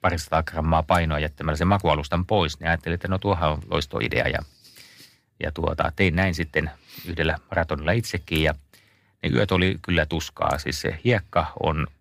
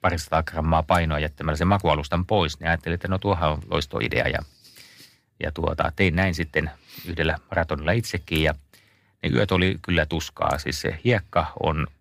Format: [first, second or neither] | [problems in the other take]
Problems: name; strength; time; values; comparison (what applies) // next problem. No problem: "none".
neither | none